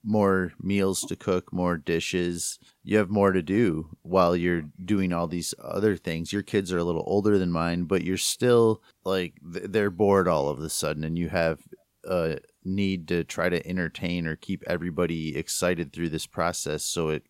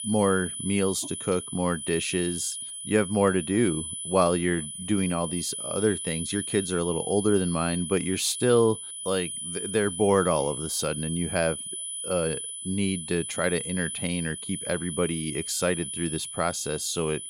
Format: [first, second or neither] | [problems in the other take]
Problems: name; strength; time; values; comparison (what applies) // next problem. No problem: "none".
first | high-pitched whine; loud; throughout; 10 kHz, 6 dB below the speech